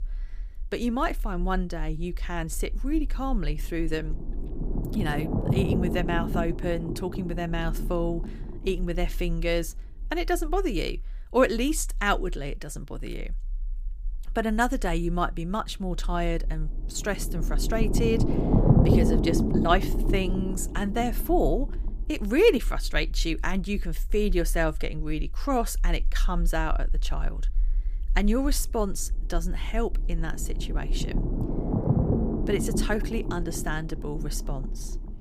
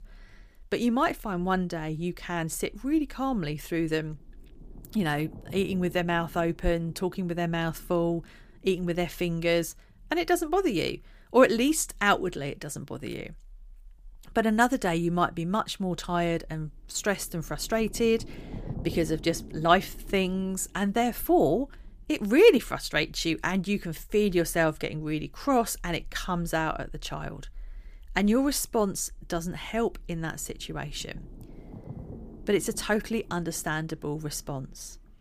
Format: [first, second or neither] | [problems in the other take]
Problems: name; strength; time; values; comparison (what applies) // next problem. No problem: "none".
second | low rumble; loud; throughout; 5 dB below the speech; faint in the second